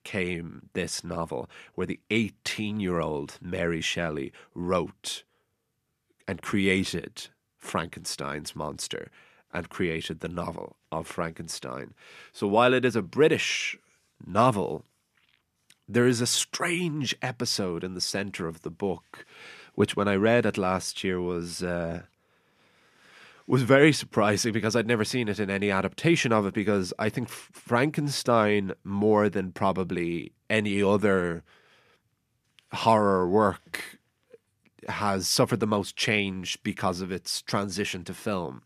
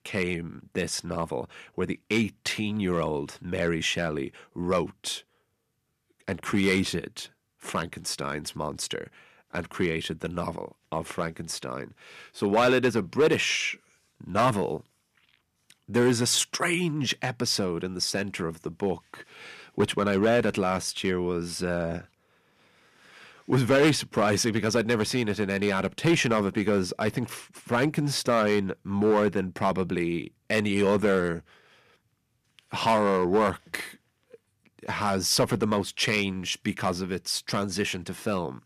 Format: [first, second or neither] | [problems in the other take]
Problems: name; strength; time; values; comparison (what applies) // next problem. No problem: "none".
first | distortion; slight; 2% of the sound clipped